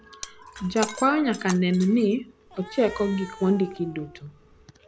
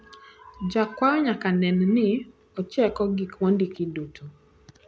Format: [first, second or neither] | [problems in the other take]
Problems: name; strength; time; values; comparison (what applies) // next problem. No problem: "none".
second | background sound (Shatter + Cat); 16 dB below the speech